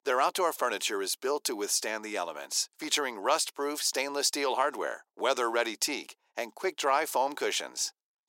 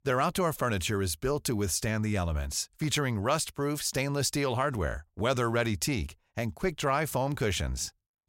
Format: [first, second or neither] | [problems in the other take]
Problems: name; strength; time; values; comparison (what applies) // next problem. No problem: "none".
second | thin; very; fading below 300 Hz